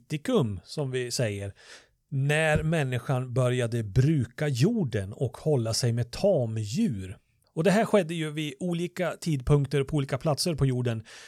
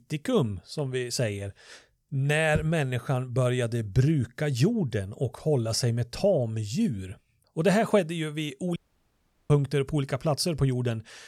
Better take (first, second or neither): first